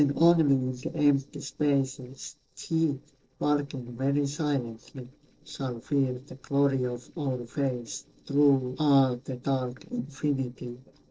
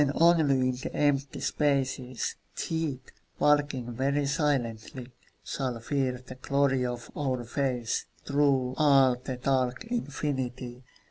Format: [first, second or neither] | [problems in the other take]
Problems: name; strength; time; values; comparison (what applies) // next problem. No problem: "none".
second | noise reduction (neural separator model SepFormer DNS4)